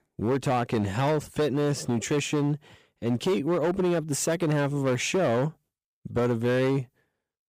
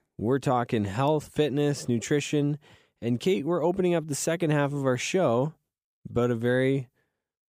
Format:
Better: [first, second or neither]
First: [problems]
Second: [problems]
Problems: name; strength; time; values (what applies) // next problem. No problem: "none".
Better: second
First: distortion; slight; 13% of the sound clipped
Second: none